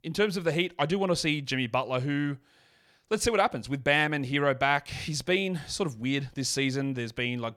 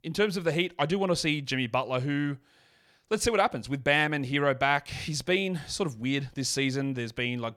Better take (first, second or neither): neither